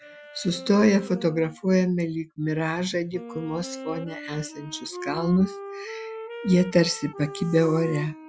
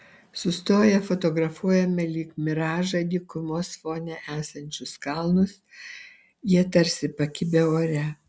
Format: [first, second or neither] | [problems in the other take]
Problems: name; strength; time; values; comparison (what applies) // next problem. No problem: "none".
second | noise reduction (classical method Wiener filter)